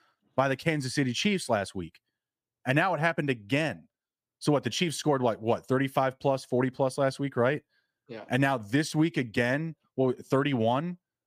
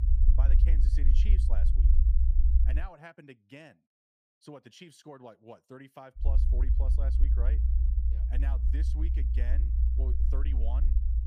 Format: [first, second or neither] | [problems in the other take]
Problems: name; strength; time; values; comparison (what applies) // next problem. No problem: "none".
first | low rumble; loud; until 3 s and from 6 s on; as loud as the speech